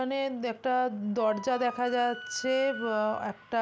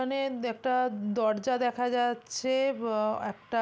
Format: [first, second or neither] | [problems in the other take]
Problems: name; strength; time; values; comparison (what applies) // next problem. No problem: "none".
second | background sound (Wind instrument, woodwind instrument); 13 dB below the speech